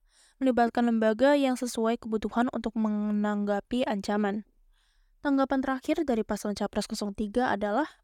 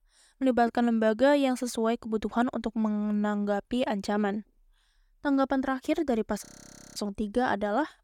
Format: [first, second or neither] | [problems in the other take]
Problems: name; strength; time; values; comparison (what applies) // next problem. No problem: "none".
first | audio freezing; at 6.5 s for 0.5 s